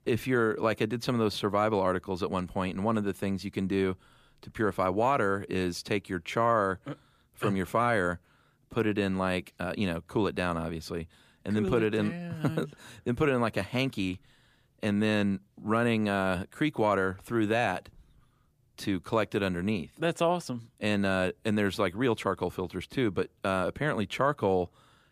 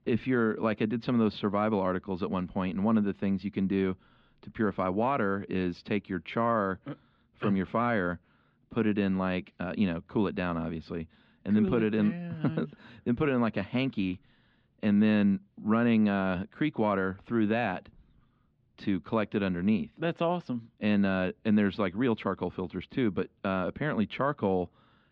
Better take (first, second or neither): first